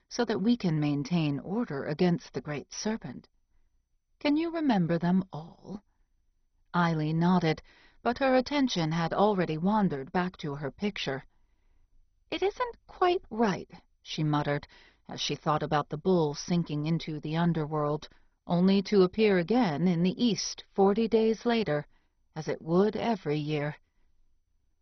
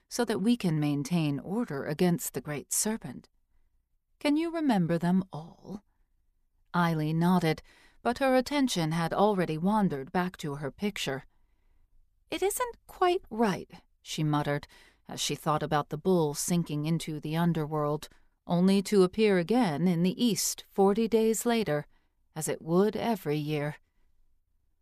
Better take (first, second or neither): second